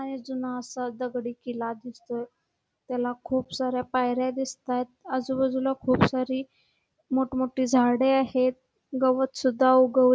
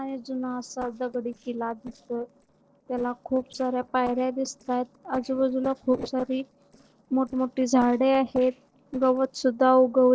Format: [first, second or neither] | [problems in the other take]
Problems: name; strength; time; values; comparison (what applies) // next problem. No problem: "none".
first | noise reduction (neural separator model SepFormer DNS4)